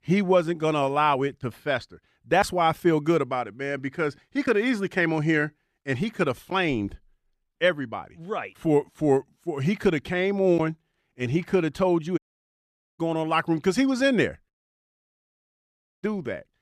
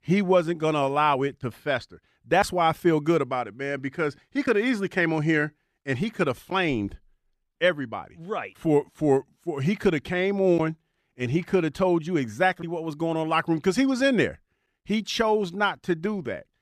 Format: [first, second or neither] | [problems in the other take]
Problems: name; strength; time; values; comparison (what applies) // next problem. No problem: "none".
second | audio cutting out; at 12 s for 1 s and at 15 s for 1.5 s